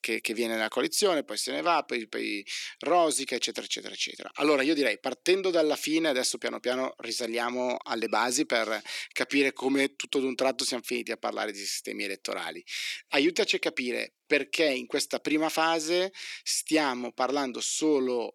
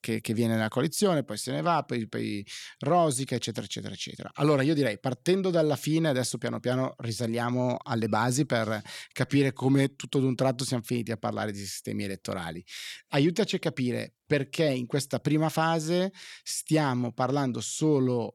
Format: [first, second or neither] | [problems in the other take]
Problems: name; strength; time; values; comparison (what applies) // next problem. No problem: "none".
second | thin; very slightly; fading below 300 Hz